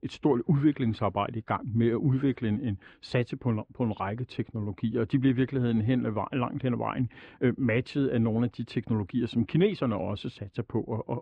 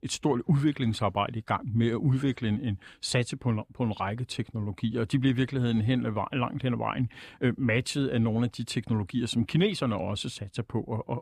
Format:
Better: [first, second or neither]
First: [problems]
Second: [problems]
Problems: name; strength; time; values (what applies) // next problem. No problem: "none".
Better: second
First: muffled; slightly; fading above 2.5 kHz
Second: none